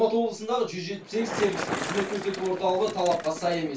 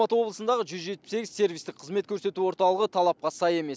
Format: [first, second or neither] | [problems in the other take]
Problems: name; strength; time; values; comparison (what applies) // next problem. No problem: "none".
second | background sound (Bicycle); 9 dB below the speech // room echo; dies away in 0.2 s